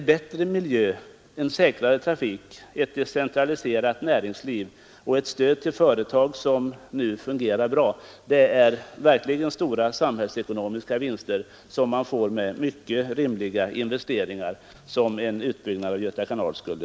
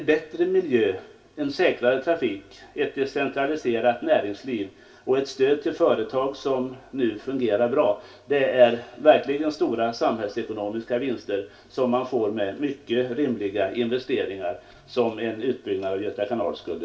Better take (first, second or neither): first